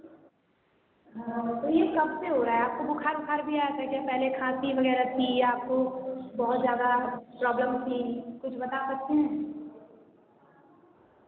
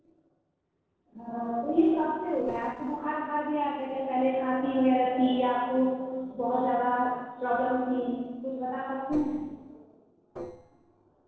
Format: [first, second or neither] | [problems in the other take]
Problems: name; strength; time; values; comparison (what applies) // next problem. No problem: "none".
first | noise reduction (neural separator model SepFormer DNS4)